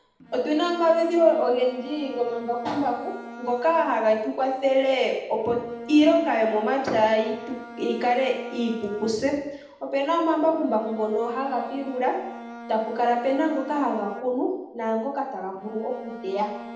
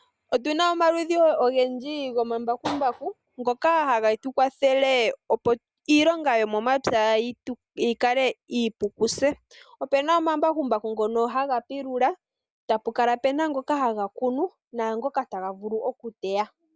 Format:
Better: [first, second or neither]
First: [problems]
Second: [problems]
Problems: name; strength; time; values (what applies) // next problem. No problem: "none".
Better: second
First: background sound (Bowed string instrument); 16 dB below the speech // room echo; dies away in 0.8 s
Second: none